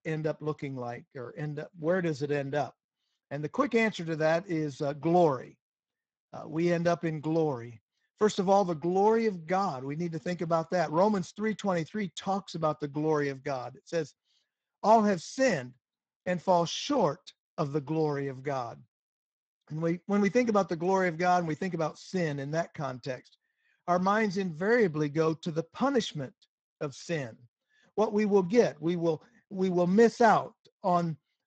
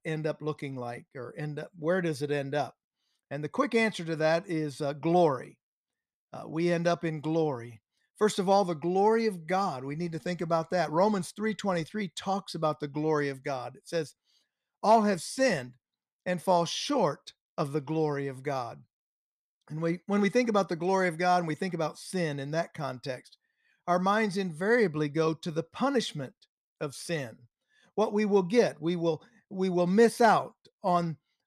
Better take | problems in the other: second | garbled, watery; badly

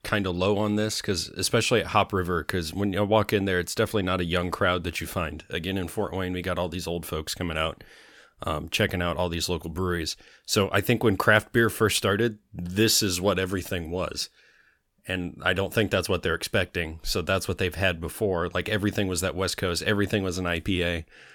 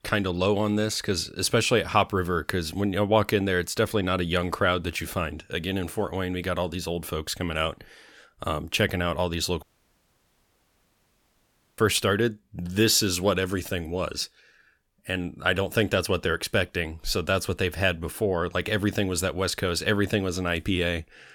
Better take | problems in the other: first | audio cutting out; at 9.5 s for 2 s

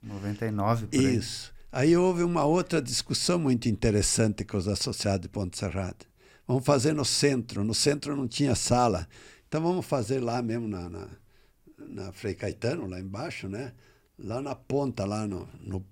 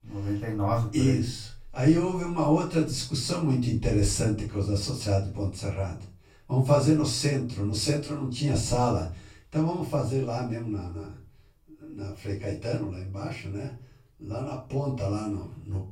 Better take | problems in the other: first | off-mic speech; far // room echo; slight; dies away in 0.4 s

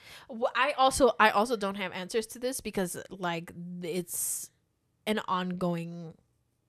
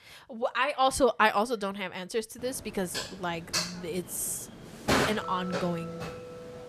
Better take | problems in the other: first | clattering dishes; loud; from 3 to 6 s; peak 4 dB above the speech

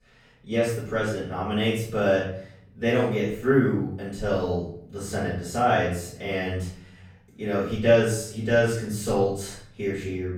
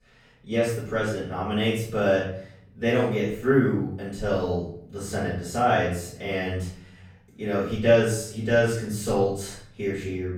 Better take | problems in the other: neither | off-mic speech; far; the same in both // room echo; noticeable; dies away in 0.6 s; the same in both

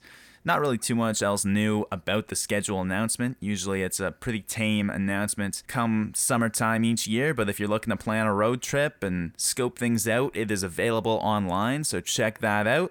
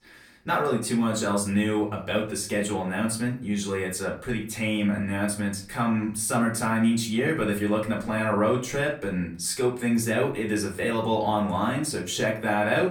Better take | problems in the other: first | off-mic speech; far // room echo; slight; dies away in 0.3 s

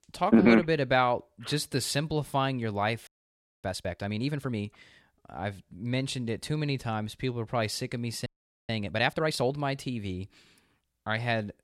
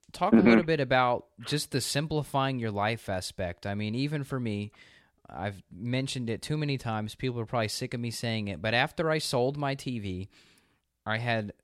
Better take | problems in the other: second | audio freezing; at 3 s for 0.5 s and at 8.5 s

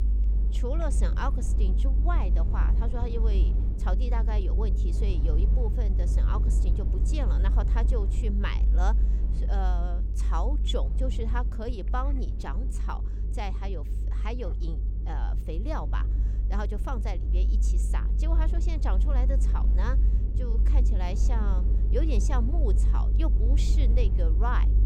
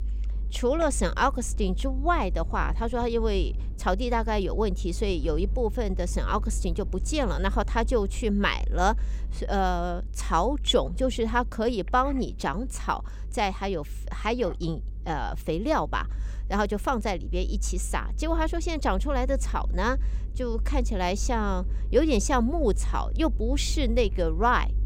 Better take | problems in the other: second | low rumble; loud; throughout; 8 dB below the speech; faint in the second

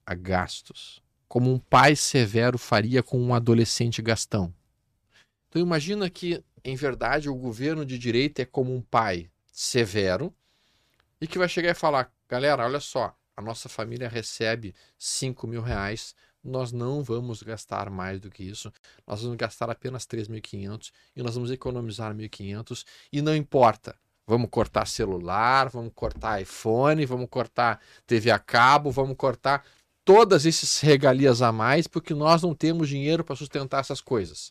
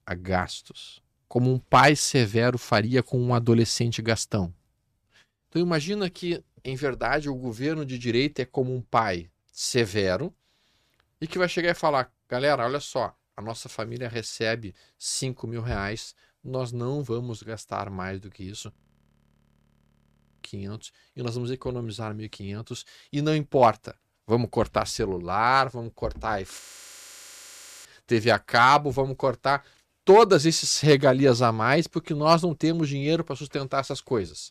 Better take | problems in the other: first | audio freezing; at 19 s for 1.5 s and at 27 s for 1.5 s

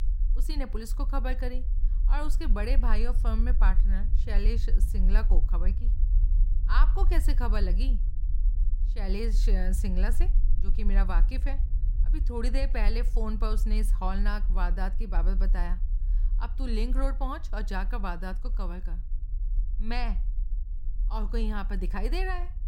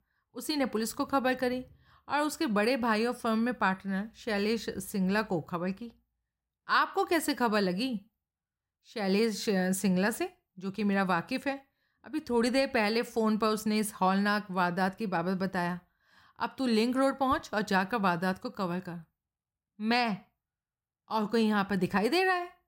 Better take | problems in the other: second | low rumble; noticeable; throughout; 15 dB below the speech

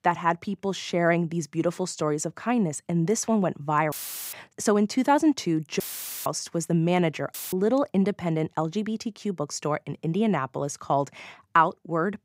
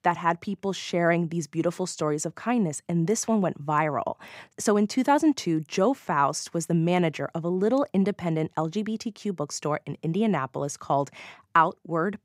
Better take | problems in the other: second | audio cutting out; filled with static; at 4 s, at 6 s and at 7.5 s

